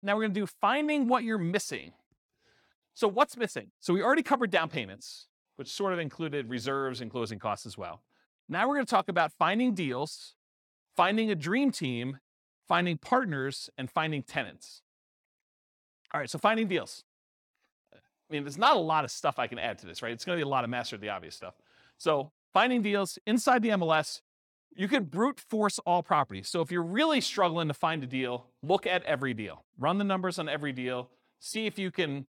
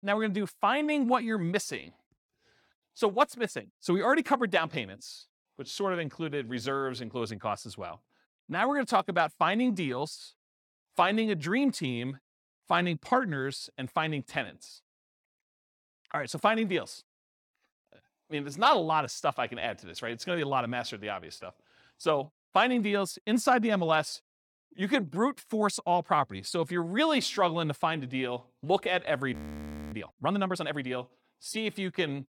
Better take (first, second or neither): first